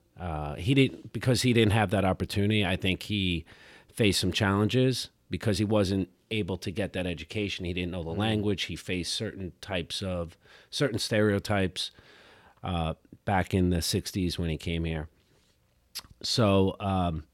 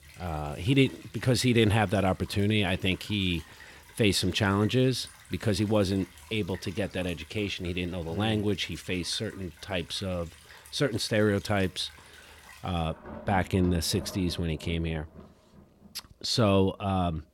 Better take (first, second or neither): first